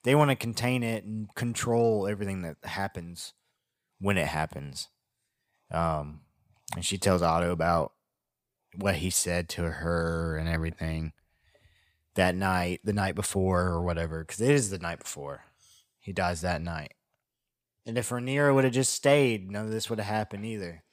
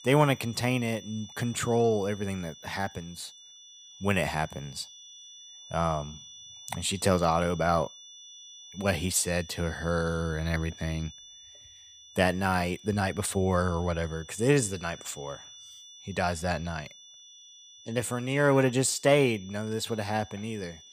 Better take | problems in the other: first | high-pitched whine; noticeable; throughout; 3.5 kHz, 20 dB below the speech

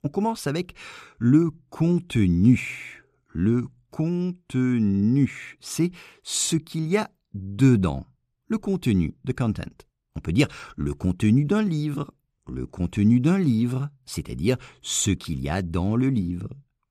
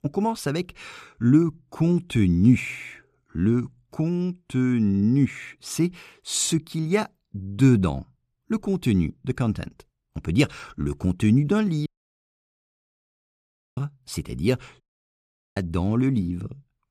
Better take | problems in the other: first | audio cutting out; at 12 s for 2 s and at 15 s for 1 s

